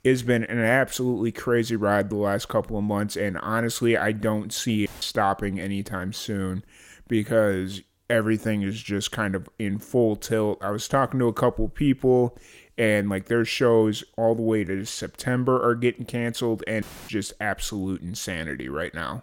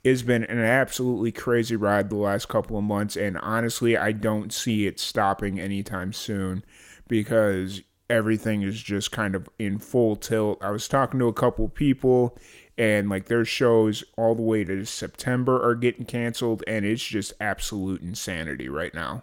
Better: second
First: audio cutting out; filled with static; at 5 s and at 17 s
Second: none

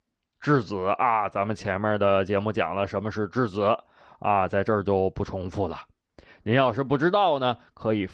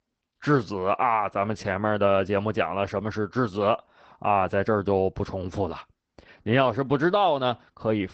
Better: first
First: garbled, watery; slightly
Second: garbled, watery; badly; nothing above 8 kHz

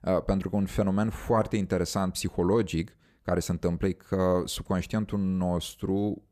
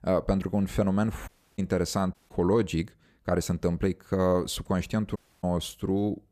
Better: first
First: none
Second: audio cutting out; at 1.5 s, at 2 s and at 5 s

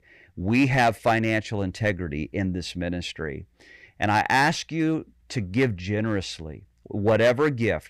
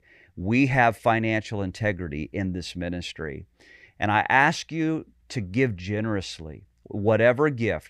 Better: second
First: distortion; slight; 3% of the sound clipped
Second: none

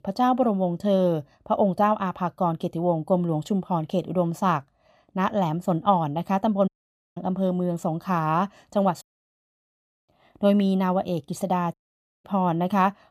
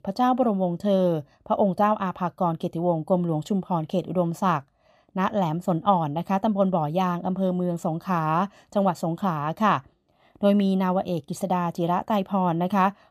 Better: second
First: audio cutting out; at 6.5 s, at 9 s for 1 s and at 12 s for 0.5 s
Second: none

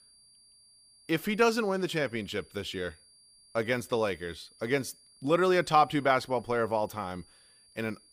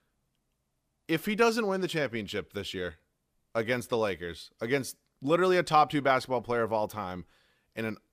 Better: second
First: high-pitched whine; faint; throughout; 4.5 kHz, 30 dB below the speech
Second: none

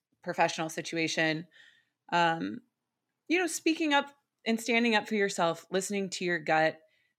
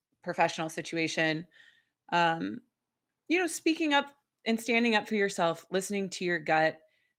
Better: first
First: none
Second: garbled, watery; slightly; nothing above 17 kHz

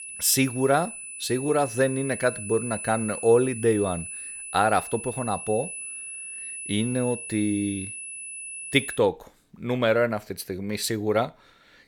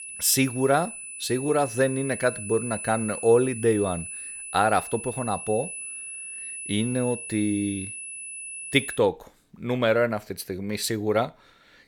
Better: neither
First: high-pitched whine; loud; until 9 s; 10 kHz, 9 dB below the speech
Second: high-pitched whine; loud; until 9 s; 10 kHz, 9 dB below the speech

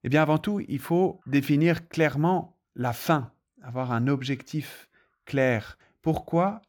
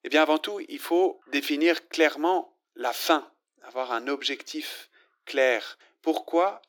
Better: first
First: none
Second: thin; somewhat; fading below 300 Hz

